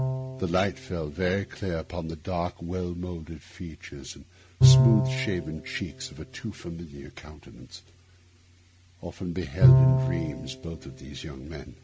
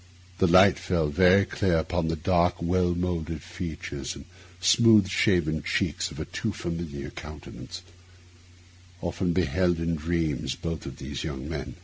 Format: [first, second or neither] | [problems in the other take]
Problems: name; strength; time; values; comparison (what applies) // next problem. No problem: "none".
second | background sound (Bowed string instrument); 4 dB above the speech